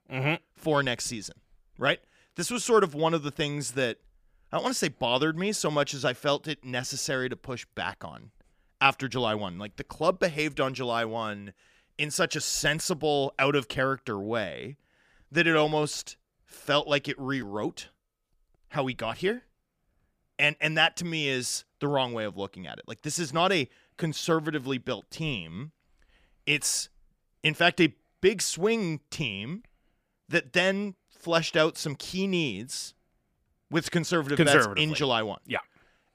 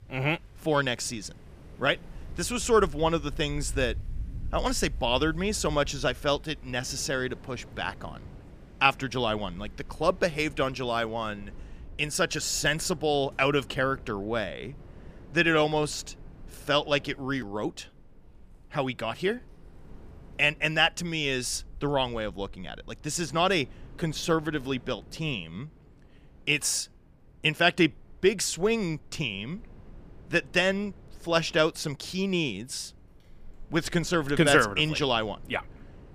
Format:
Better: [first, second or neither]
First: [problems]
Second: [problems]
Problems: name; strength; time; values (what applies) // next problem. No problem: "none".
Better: first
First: none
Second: wind in the background; noticeable; throughout; 20 dB below the speech